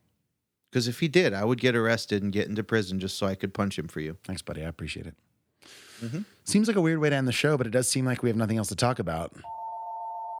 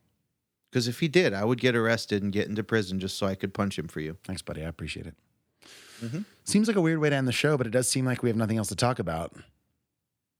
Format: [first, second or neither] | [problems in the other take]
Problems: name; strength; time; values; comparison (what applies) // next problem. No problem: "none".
second | phone ringing; noticeable; at 9.5 s; peak 9 dB below the speech